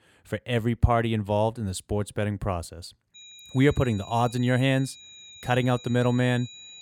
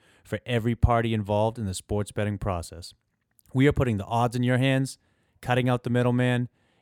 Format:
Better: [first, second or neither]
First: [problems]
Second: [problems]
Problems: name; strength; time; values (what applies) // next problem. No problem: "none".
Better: second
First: high-pitched whine; noticeable; from 3 s on; 4 kHz, 20 dB below the speech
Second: none